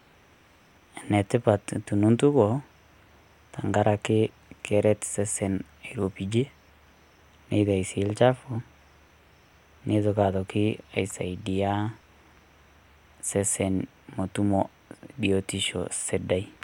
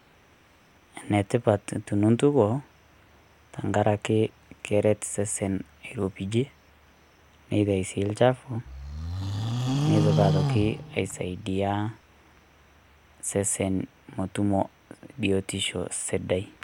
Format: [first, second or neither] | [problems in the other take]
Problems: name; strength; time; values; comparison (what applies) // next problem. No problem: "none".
first | background sound (Livestock, farm animals, working animals); as loud as the speech